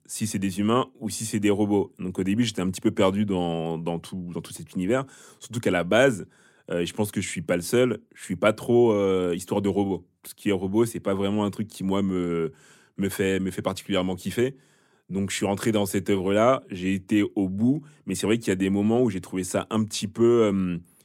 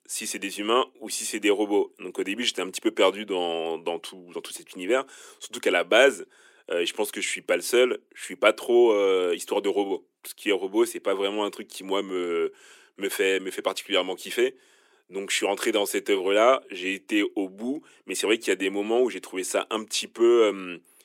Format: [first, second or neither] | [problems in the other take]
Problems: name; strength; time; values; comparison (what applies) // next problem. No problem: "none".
first | thin; somewhat; fading below 350 Hz